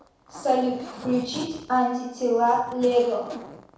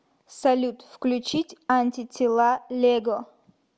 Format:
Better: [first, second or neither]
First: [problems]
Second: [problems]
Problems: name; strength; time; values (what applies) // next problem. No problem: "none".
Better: second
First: background sound (Zipper (clothing)); 18 dB below the speech // room echo; dies away in 0.7 s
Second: none